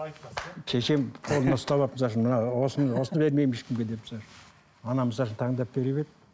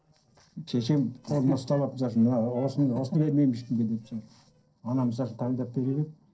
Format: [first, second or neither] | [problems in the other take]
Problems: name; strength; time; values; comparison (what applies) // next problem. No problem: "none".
first | noise reduction (neural separator model SepFormer DNS4)